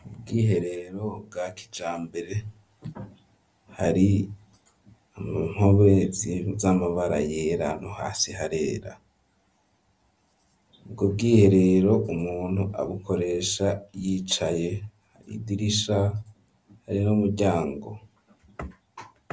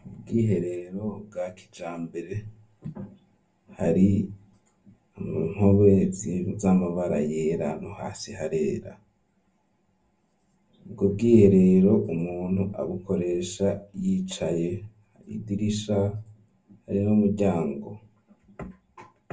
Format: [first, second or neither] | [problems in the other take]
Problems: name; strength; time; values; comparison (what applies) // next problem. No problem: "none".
first | room echo; dies away in 0.2 s